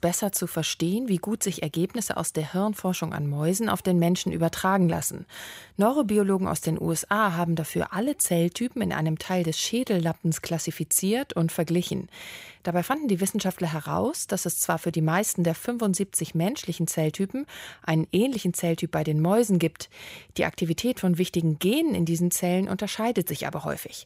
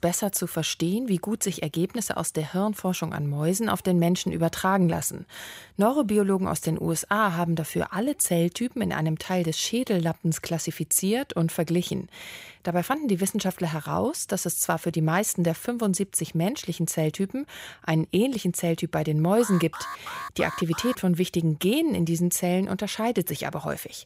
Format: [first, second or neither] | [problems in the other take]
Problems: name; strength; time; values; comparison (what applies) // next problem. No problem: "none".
first | alarm; noticeable; from 19 to 21 s; peak 10 dB below the speech